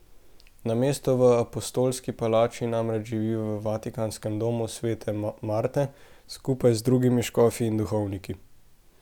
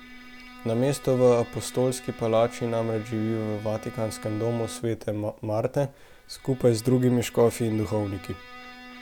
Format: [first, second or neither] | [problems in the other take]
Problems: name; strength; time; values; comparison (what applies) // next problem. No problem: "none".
first | background sound (Bowed string instrument); 19 dB below the speech